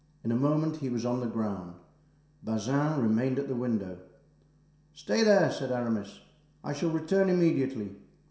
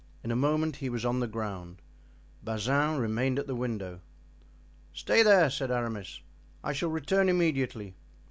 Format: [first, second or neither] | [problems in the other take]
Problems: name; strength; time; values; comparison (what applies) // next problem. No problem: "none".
second | room echo; dies away in 0.7 s